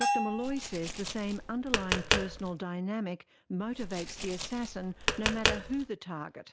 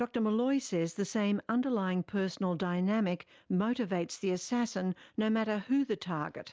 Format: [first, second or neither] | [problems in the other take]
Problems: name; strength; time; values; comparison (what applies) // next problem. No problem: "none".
second | background sound (Tap + Bell); 2 dB above the speech